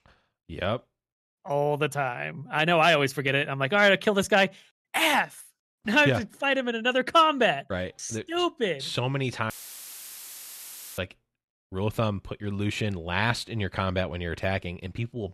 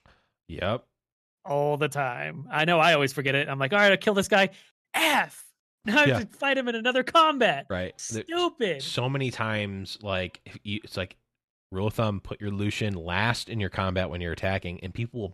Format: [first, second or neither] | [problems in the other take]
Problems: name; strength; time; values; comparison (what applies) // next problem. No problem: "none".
second | audio cutting out; filled with static; at 9.5 s for 1.5 s